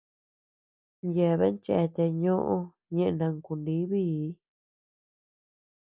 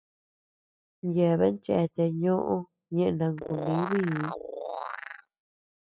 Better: first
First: none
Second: noise reduction (classical method spectral subtraction)

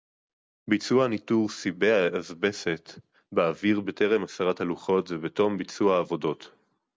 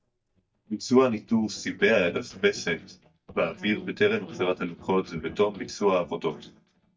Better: first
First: none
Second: noise reduction (neural mask model DeepFilterNet 3)

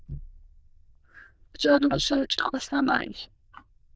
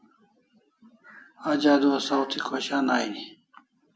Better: second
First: noise reduction (neural diffusion model UNIVERSE++)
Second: none

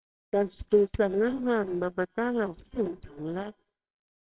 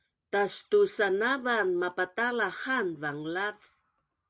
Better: second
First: noise reduction (neural separator model SepFormer WHAMR!)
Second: none

